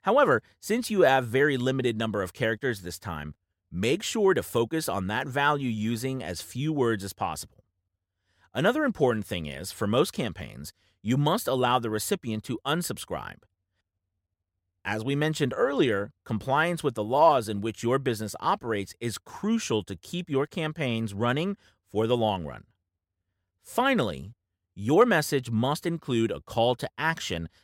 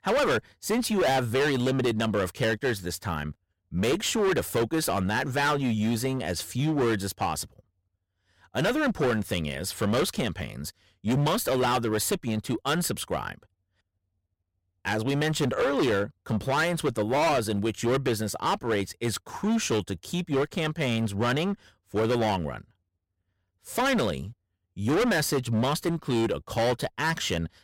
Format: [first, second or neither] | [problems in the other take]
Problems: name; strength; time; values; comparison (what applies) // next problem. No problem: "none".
first | distortion; heavy; 15% of the sound clipped